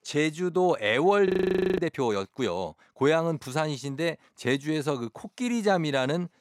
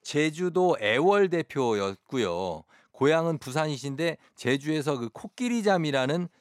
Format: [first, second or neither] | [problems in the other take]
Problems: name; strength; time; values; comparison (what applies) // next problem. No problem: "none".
second | audio freezing; at 1.5 s for 0.5 s